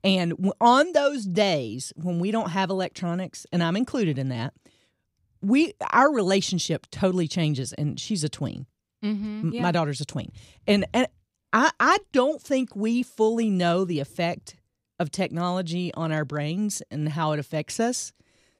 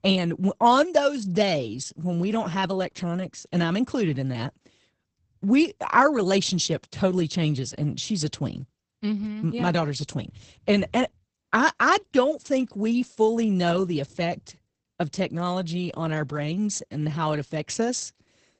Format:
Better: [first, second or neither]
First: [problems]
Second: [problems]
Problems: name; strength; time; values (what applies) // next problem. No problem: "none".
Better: first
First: none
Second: garbled, watery; badly; nothing above 8 kHz